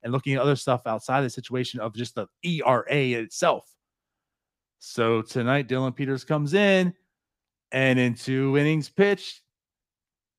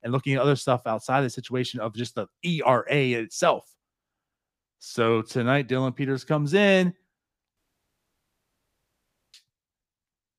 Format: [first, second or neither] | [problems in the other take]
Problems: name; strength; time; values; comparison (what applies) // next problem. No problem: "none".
first | audio cutting out; at 7.5 s for 2 s